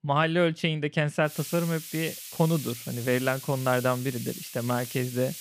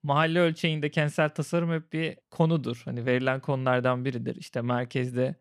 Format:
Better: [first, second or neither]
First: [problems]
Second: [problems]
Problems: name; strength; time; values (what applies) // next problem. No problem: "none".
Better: second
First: hiss; noticeable; from 1.5 s on; 10 dB below the speech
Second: none